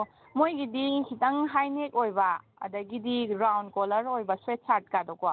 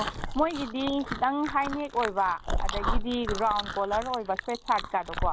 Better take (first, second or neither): first